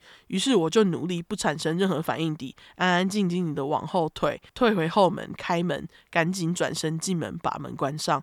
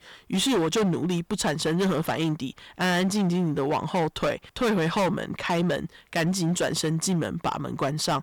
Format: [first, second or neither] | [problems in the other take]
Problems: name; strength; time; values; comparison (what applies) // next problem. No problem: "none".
first | distortion; heavy; 17% of the sound clipped